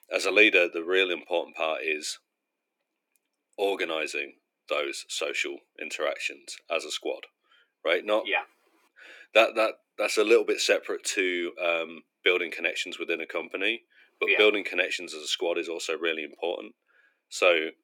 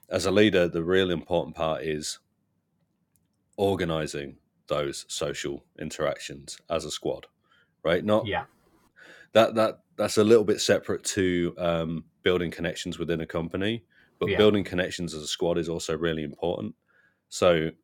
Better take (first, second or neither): second